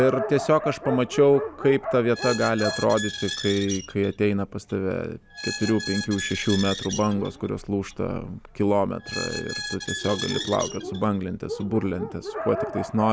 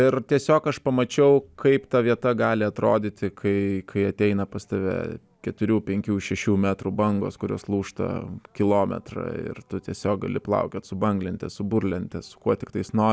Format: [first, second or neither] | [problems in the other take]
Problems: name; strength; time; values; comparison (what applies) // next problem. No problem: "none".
second | background sound (Dog + Squeak); 9 dB below the speech